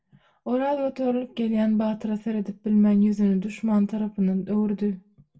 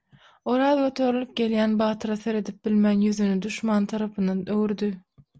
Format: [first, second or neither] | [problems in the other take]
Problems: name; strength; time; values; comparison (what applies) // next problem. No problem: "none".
second | room echo; dies away in 0.2 s